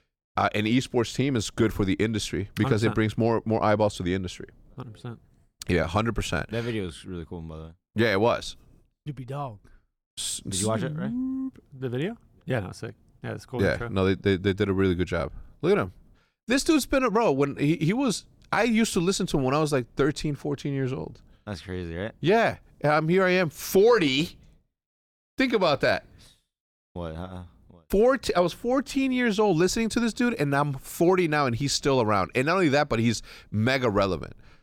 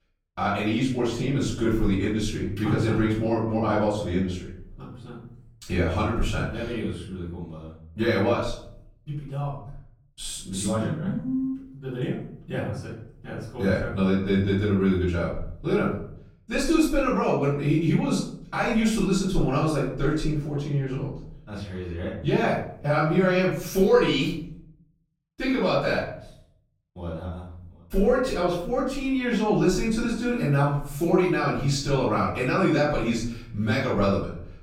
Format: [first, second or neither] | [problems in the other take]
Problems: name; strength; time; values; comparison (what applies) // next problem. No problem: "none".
first | off-mic speech; far // room echo; noticeable; dies away in 0.6 s